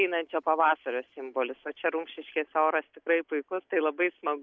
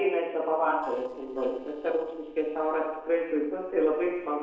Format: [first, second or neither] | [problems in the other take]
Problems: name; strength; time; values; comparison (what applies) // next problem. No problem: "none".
first | noise reduction (neural separator model SepFormer DNS4)